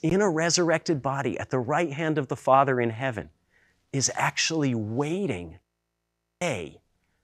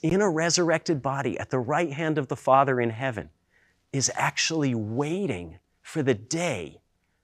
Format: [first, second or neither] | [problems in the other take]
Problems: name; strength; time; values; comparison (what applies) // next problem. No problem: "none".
second | audio freezing; at 5.5 s for 1 s